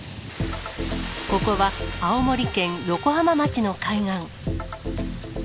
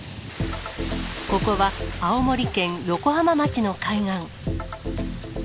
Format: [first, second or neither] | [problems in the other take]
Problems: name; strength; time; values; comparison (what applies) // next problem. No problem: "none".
second | background sound (Trumpet); 16 dB below the speech